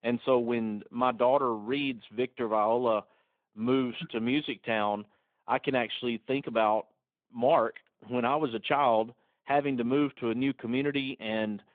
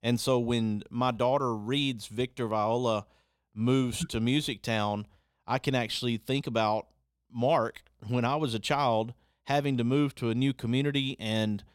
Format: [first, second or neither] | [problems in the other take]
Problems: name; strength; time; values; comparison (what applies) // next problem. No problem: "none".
second | phone-call audio